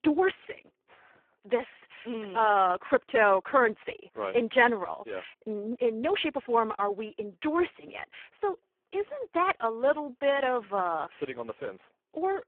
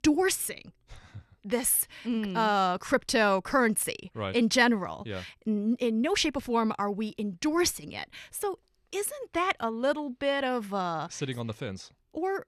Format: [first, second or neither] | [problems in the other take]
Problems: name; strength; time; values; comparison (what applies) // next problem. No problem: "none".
second | phone-call audio; poor line